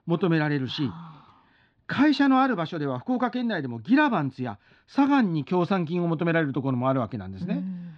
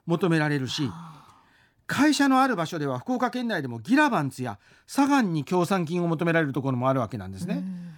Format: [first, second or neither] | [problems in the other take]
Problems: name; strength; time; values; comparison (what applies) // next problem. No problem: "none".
second | muffled; very slightly; fading above 4 kHz